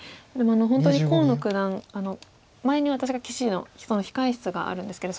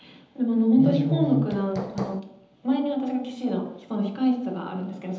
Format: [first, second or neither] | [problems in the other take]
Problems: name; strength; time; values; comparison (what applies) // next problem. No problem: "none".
first | background sound (Hammer); 11 dB below the speech // room echo; dies away in 0.9 s